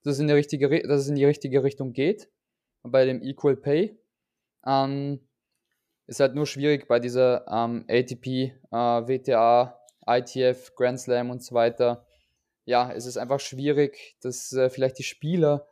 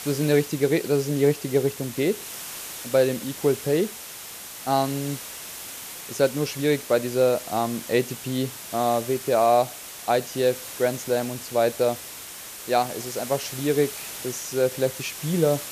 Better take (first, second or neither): first